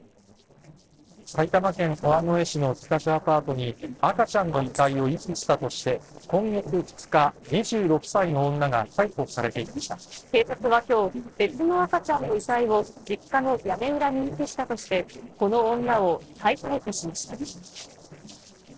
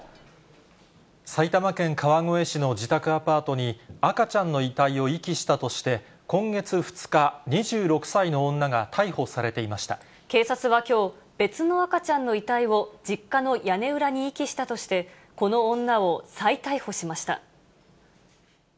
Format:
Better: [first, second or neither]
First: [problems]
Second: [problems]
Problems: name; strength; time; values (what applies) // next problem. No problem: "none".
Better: second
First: noise reduction (neural separator model SepFormer DNS4)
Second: none